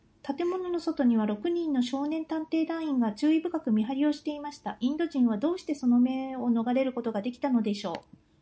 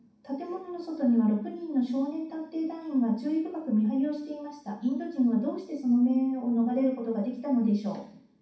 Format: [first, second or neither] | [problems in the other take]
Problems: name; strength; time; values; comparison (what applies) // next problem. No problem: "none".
first | room echo; dies away in 0.6 s